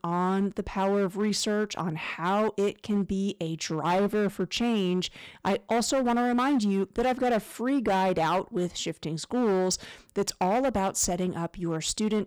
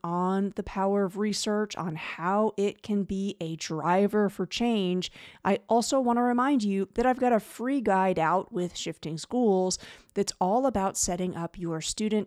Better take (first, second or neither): second